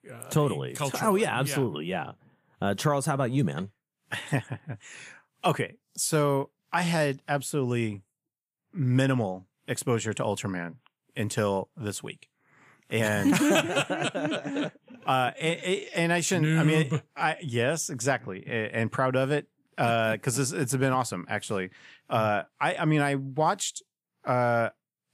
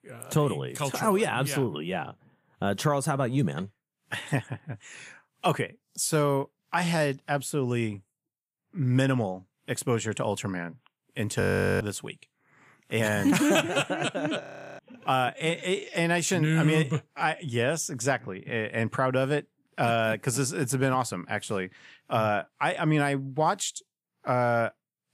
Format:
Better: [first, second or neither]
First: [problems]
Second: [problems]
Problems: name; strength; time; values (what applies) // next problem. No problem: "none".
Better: first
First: none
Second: audio freezing; at 11 s and at 14 s